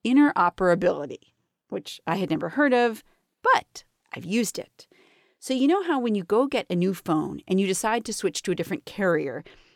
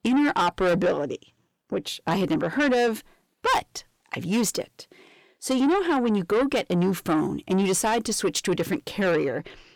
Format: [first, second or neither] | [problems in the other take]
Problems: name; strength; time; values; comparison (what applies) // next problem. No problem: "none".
first | distortion; heavy; 8 dB below the speech